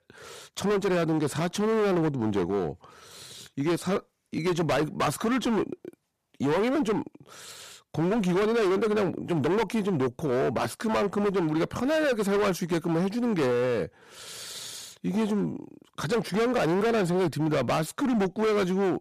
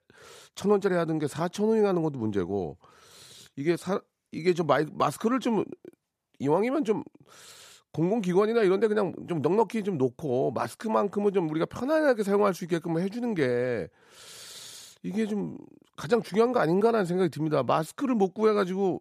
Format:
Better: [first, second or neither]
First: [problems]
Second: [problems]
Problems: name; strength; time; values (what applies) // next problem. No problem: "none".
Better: second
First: distortion; heavy; 22% of the sound clipped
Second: none